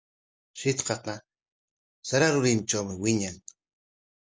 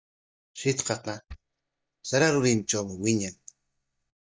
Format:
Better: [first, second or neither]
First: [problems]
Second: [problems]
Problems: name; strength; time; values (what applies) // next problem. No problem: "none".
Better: first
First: none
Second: noise reduction (neural mask model DeepFilterNet 3)